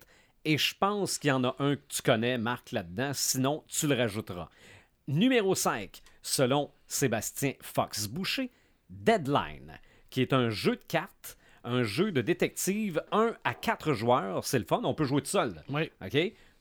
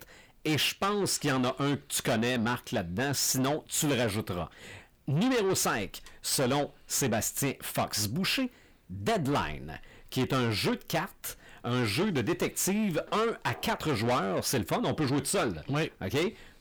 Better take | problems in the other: first | distortion; heavy; 6 dB below the speech

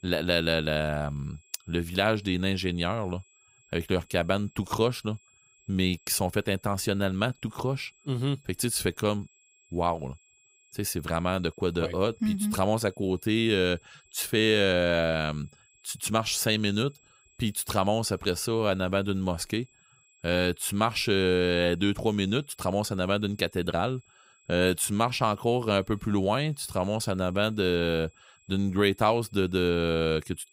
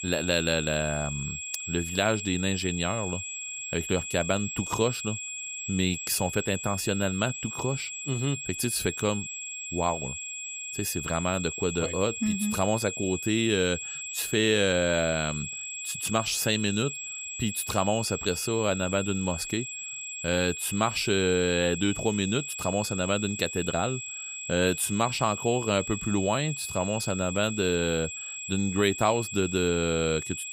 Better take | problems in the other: first | high-pitched whine; loud; throughout; 2.5 kHz, 6 dB below the speech; faint in the first

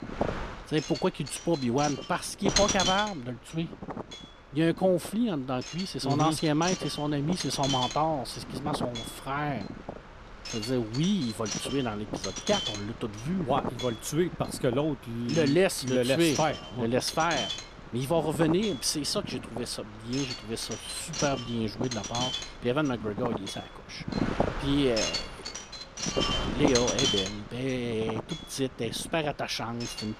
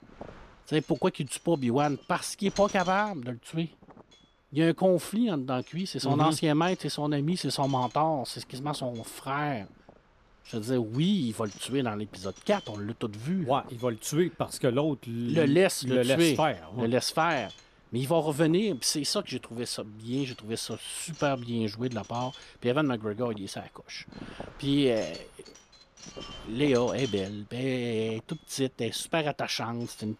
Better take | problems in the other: second | wind noise on the microphone; heavy; 3 dB below the speech; occasional gusts in the second

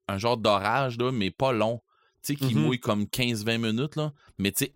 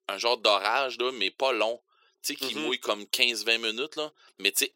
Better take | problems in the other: first | thin; very; fading below 350 Hz

